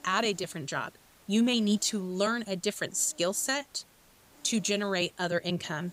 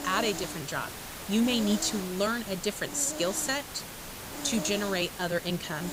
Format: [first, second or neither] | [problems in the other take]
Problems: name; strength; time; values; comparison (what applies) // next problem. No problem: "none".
first | hiss; loud; throughout; 8 dB below the speech; faint in the first